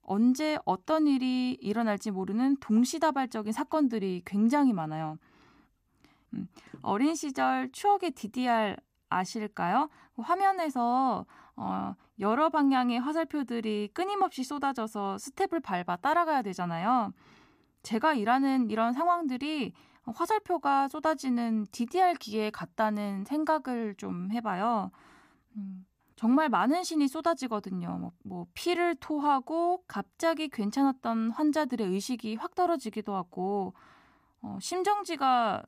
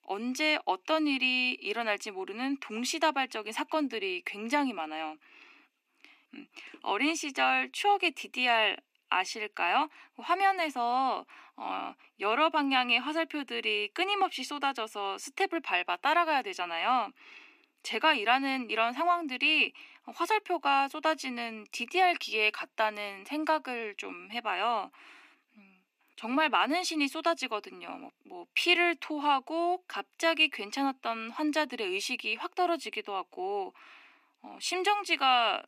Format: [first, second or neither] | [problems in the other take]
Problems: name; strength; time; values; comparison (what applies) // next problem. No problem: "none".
first | thin; somewhat; fading below 300 Hz